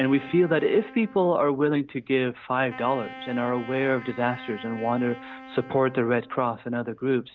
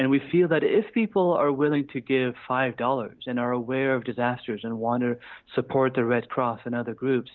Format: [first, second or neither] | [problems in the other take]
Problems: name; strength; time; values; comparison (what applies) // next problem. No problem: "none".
second | background sound (Wind instrument, woodwind instrument); 18 dB below the speech